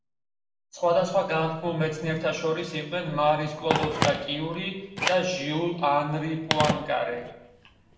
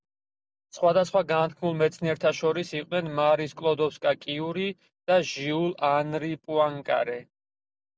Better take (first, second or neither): second